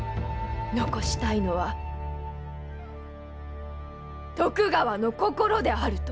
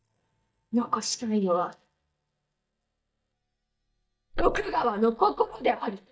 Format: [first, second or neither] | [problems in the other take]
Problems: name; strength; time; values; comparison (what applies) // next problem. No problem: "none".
first | noise reduction (neural mask model DeepFilterNet 3)